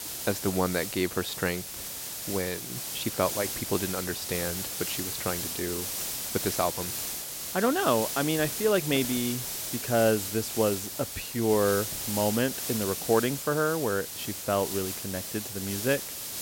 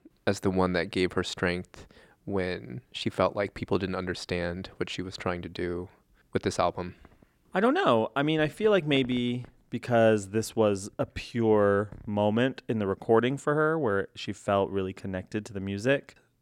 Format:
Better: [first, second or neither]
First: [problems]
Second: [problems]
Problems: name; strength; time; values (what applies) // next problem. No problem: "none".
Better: second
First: hiss; loud; throughout; 3 dB below the speech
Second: none